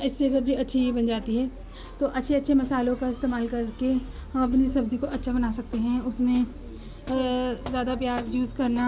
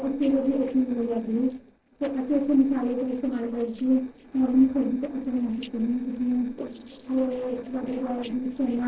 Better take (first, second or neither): first